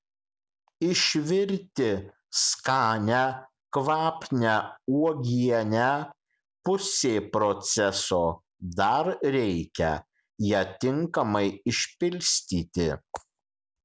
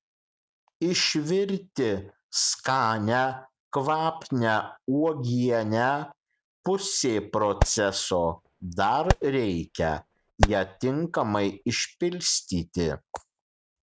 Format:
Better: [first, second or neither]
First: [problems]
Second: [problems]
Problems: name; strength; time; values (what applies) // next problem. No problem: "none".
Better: first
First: none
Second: noise reduction (neural mask model RNNoise)